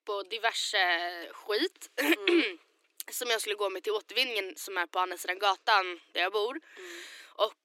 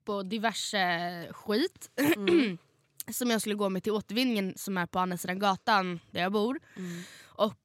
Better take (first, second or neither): second